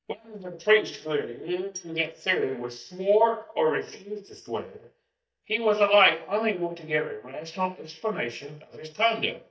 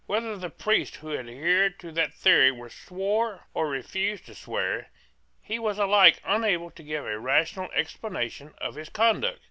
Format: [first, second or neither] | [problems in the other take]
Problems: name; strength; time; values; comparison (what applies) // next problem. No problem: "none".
second | noise reduction (neural mask model DeepFilterNet 3)